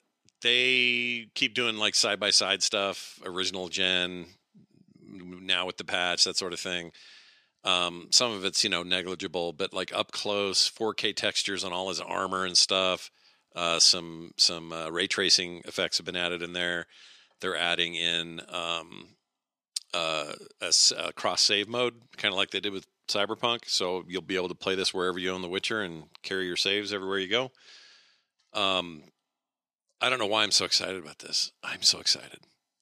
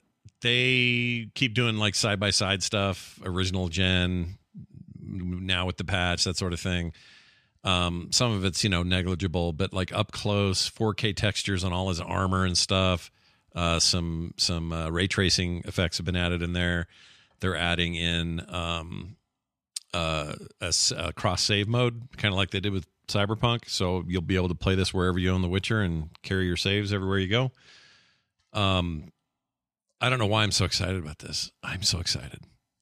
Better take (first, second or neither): second